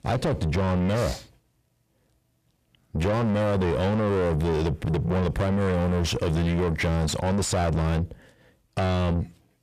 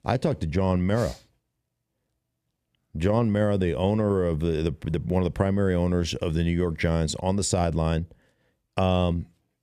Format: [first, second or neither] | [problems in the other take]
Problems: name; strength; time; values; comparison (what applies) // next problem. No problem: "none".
second | distortion; heavy; 6 dB below the speech